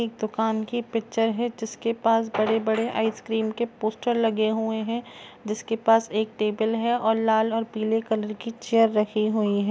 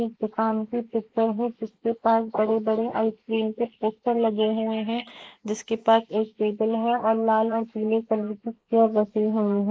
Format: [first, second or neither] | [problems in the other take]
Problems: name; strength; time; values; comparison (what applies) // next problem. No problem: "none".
first | noise reduction (neural mask model Resemble Enhance denoiser)